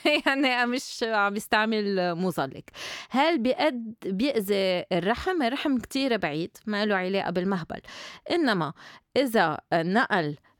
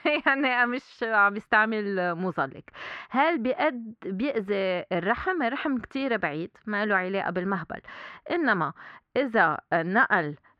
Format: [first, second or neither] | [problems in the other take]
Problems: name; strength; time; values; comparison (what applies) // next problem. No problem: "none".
first | muffled; very; fading above 2 kHz